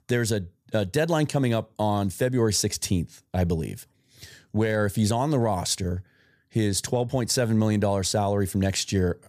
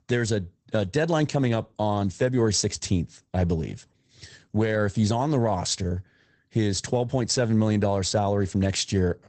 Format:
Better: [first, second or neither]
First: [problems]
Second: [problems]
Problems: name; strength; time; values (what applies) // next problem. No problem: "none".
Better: first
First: none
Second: garbled, watery; badly; nothing above 8 kHz